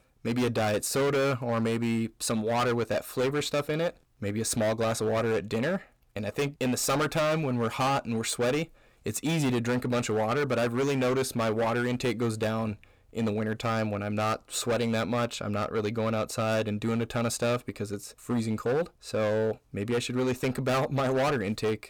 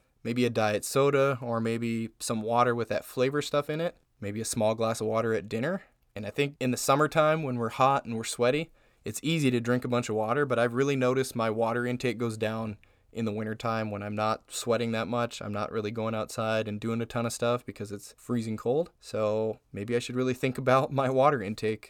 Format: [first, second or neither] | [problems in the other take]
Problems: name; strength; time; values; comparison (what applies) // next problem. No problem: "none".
second | distortion; heavy; 17% of the sound clipped